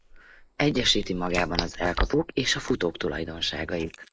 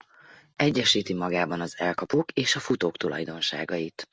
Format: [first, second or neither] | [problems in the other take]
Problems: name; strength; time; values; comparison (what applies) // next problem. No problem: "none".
second | noise reduction (neural mask model Resemble Enhance denoiser)